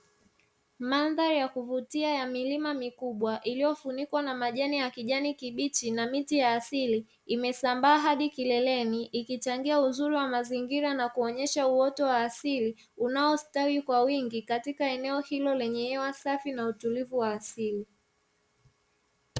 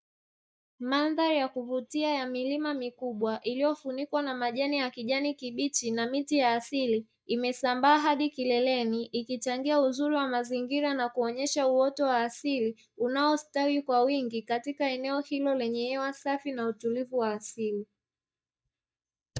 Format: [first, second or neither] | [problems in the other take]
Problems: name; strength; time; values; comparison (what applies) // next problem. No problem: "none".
first | noise reduction (neural mask model DeepFilterNet 3)